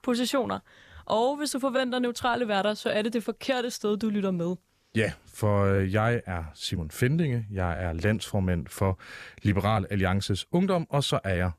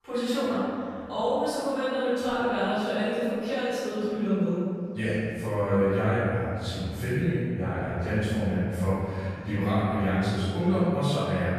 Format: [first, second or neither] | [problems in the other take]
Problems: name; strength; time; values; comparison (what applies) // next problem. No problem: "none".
first | room echo; strong; dies away in 2.2 s // off-mic speech; far